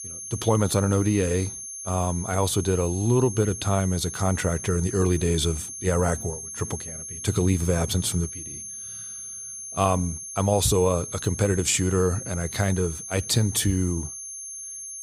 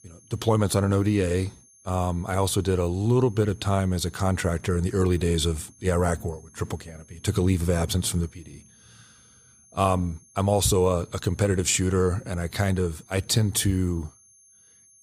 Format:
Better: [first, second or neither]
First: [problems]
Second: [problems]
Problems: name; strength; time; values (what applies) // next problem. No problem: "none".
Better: second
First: high-pitched whine; loud; throughout; 6.5 kHz, 9 dB below the speech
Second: high-pitched whine; faint; throughout; 6.5 kHz, 30 dB below the speech